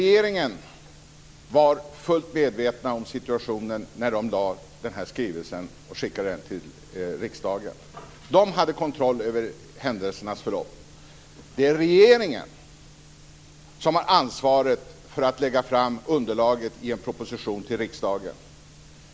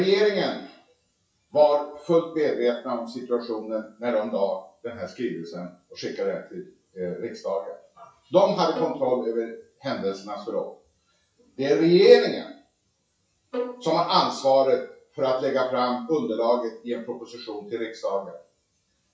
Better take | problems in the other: first | noise reduction (classical method WPE with log-MMSE)

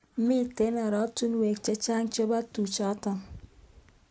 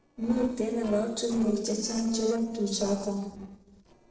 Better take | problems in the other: first | noise reduction (neural separator model SepFormer DNS4)

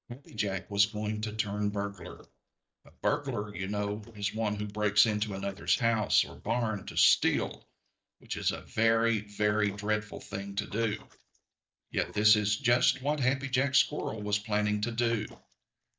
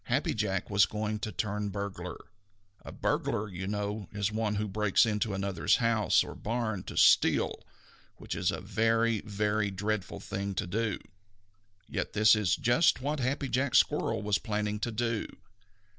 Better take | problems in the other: second | noise reduction (neural mask model DeepFilterNet 3)

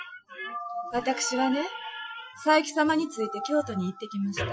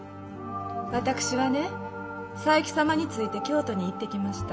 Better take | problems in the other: second | noise reduction (classical method Wiener filter)

